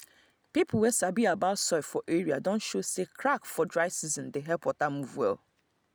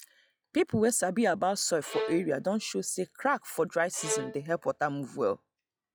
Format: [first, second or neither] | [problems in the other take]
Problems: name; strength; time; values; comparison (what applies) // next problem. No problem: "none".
first | noise reduction (classical method log-MMSE)